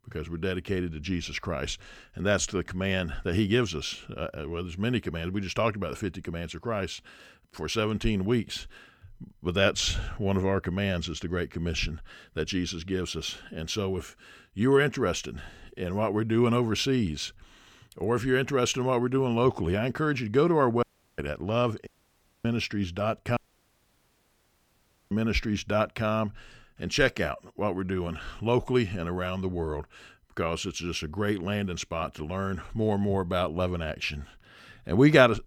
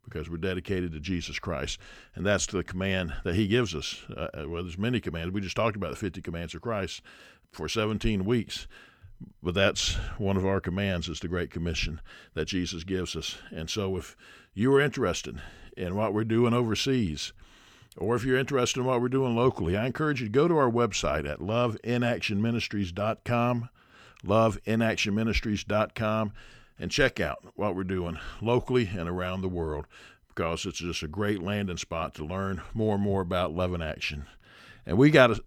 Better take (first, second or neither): second